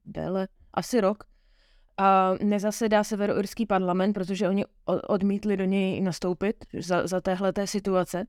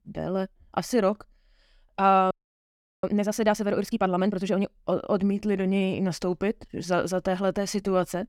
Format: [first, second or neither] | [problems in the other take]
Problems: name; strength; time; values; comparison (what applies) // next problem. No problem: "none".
first | audio freezing; at 2.5 s for 0.5 s